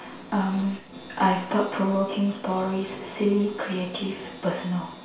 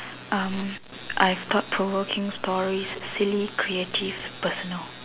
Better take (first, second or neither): second